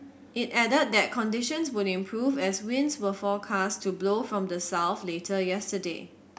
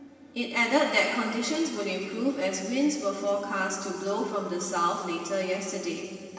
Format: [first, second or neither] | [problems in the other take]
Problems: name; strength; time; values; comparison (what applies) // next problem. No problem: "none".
first | room echo; dies away in 2.7 s